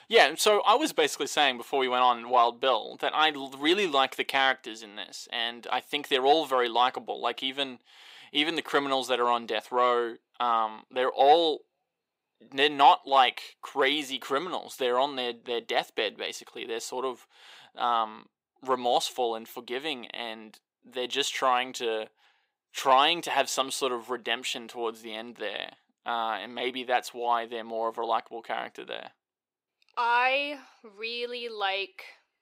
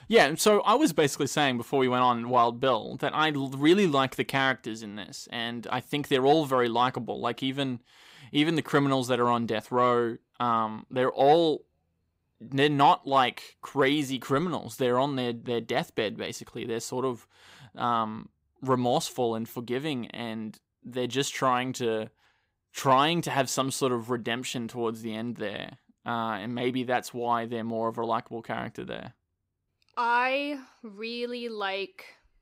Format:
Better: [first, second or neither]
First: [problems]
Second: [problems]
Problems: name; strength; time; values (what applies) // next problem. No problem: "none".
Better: second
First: thin; somewhat; fading below 450 Hz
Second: none